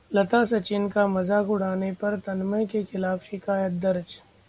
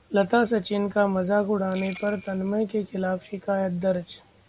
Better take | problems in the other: first | background sound (Bell); 18 dB below the speech

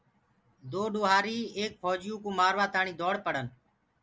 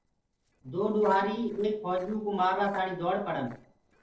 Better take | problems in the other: first | noise reduction (neural separator model SepFormer DNS4)

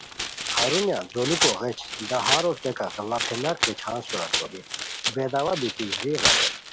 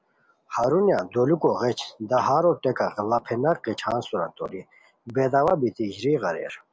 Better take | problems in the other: second | background sound (Tearing); as loud as the speech

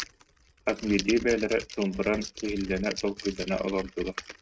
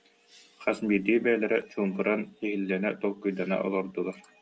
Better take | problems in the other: second | noise reduction (neural mask model RNNoise)

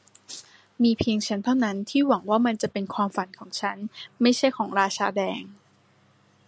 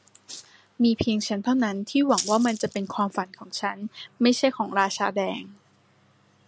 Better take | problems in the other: first | background sound (Rattle (instrument)); 10 dB below the speech

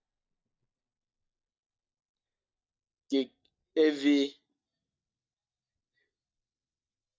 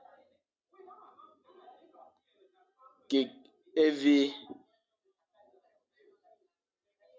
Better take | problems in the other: second | noise reduction (neural mask model DeepFilterNet 3)

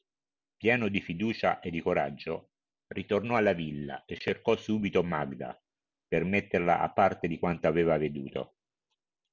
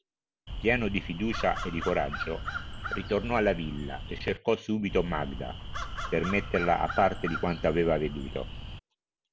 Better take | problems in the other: first | background sound (Crow); 6 dB below the speech

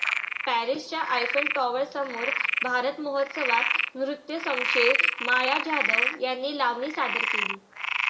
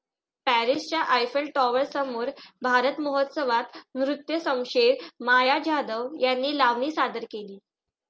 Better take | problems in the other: second | background sound (Frog); as loud as the speech // room echo; dies away in 0.5 s

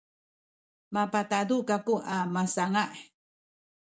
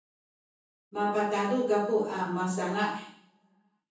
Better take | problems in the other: first | room echo; dies away in 0.6 s

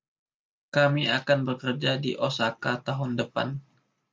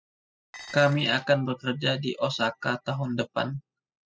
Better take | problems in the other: first | noise reduction (classical method spectral subtraction)

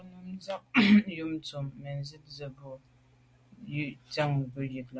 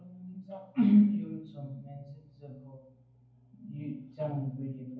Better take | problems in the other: first | room echo; dies away in 0.9 s

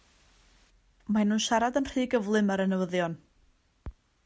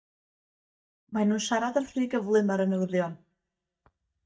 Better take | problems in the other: first | noise reduction (neural mask model DeepFilterNet 3)

